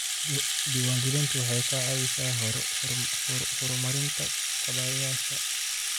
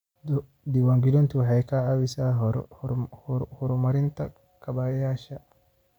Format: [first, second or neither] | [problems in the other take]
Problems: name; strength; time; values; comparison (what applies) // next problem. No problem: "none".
second | background sound (Rattle (instrument)); 4 dB above the speech